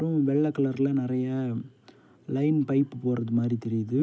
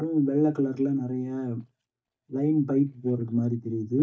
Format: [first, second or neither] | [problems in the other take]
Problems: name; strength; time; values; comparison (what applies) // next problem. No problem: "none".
first | noise reduction (neural mask model DeepFilterNet 3)